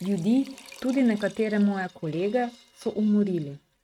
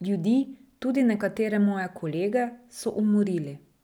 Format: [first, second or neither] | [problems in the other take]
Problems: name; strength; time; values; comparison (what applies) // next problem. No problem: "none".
second | noise reduction (neural mask model RNNoise)